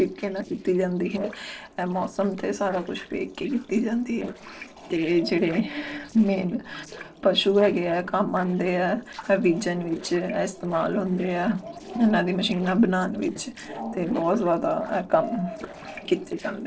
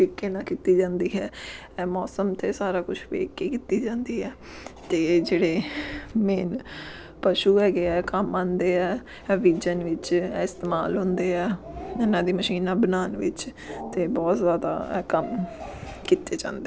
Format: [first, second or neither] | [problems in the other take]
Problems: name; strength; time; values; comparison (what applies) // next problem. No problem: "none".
second | noise reduction (neural separator model SepFormer DNS4)